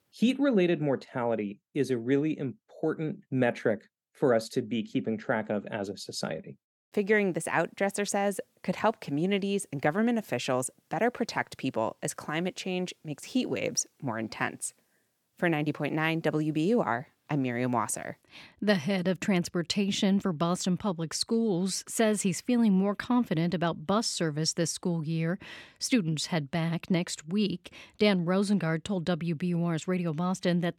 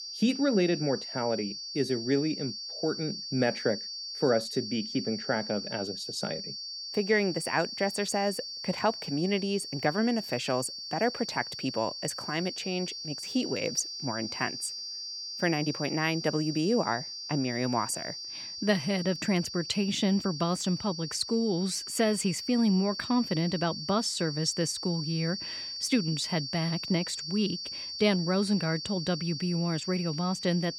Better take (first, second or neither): first